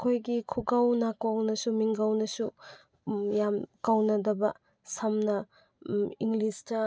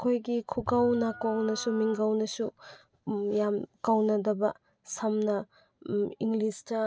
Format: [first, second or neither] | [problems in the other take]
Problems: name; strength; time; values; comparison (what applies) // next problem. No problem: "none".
first | background sound (Wind instrument, woodwind instrument + Bowed string instrument); 18 dB below the speech